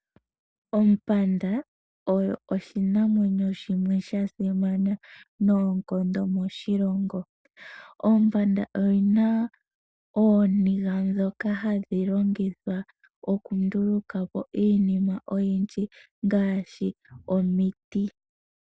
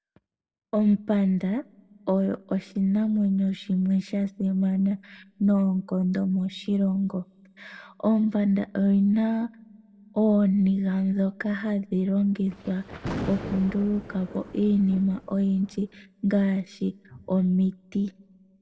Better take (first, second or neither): first